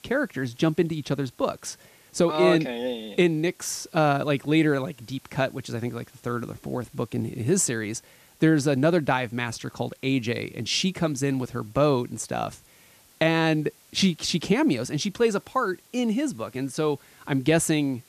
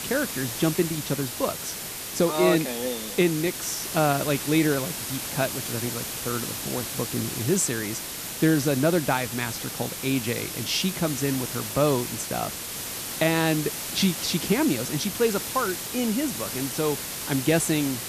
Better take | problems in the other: first | hiss; loud; throughout; 5 dB below the speech; faint in the first

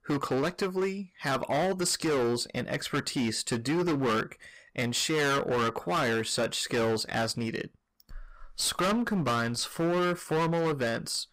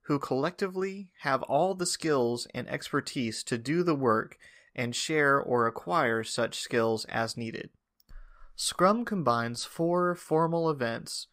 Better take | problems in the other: second | distortion; heavy; 18% of the sound clipped

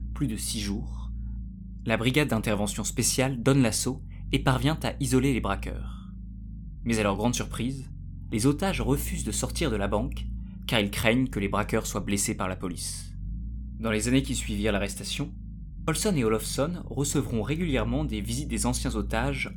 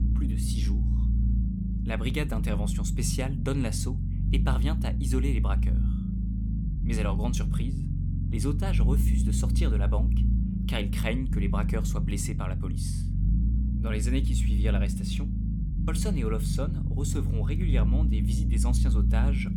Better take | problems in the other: first | low rumble; loud; throughout; 4 dB below the speech; faint in the first

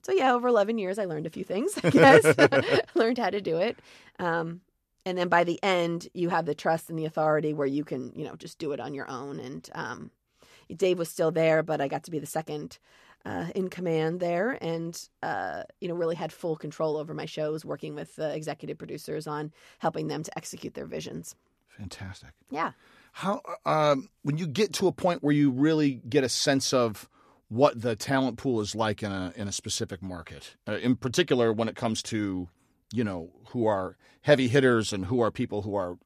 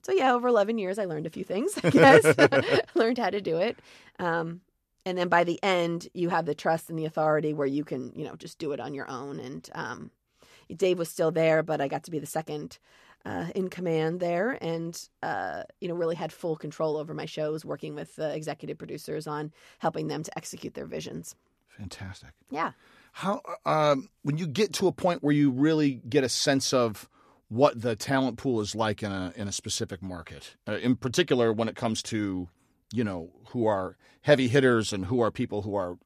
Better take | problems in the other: neither | none

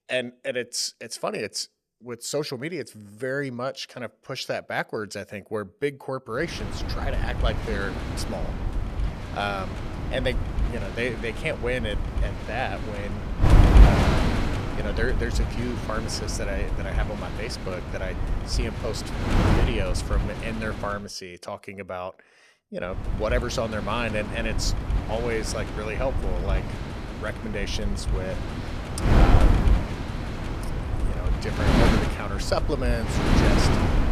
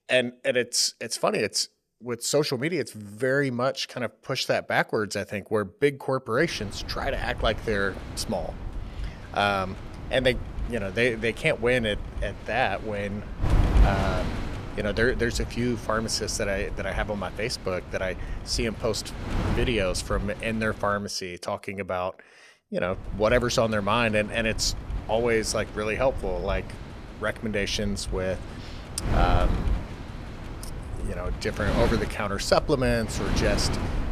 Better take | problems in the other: second | wind noise on the microphone; heavy; from 6.5 to 21 s and from 23 s on; 2 dB below the speech; occasional gusts in the second

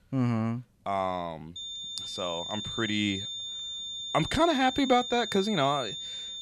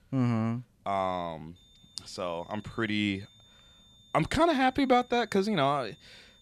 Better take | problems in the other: second | high-pitched whine; loud; from 1.5 s on; 3.5 kHz, 6 dB below the speech; faint in the second

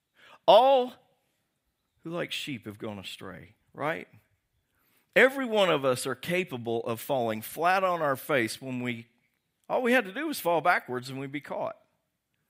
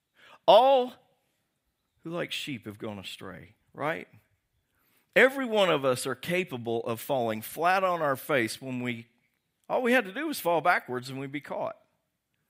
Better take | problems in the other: neither | none

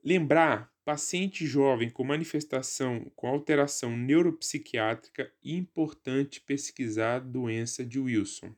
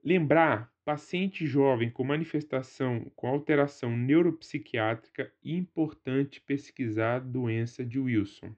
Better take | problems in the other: first | muffled; very; fading above 3 kHz

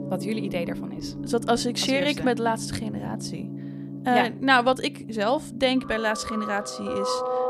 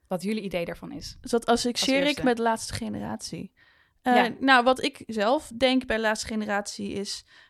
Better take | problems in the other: second | background music; loud; throughout; 8 dB below the speech

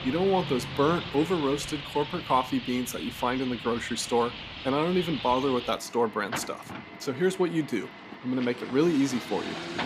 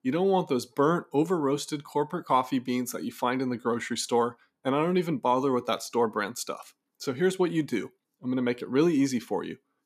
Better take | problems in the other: second | traffic noise; loud; throughout; 10 dB below the speech

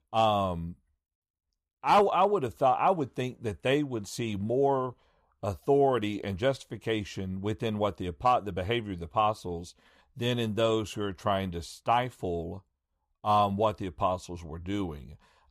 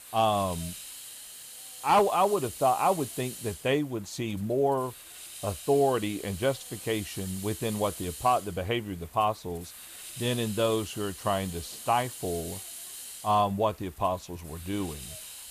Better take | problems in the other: first | hiss; noticeable; throughout; 10 dB below the speech

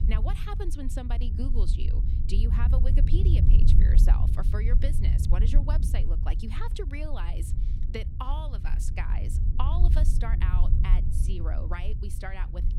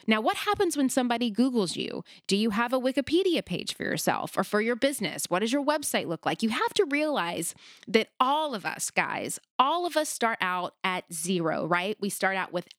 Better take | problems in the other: second | low rumble; loud; throughout; 4 dB below the speech

